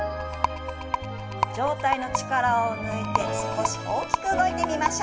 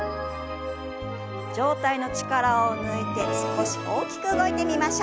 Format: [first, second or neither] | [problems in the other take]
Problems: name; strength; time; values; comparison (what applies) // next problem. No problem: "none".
second | background sound (Rattle); 4 dB below the speech // room echo; dies away in 0.9 s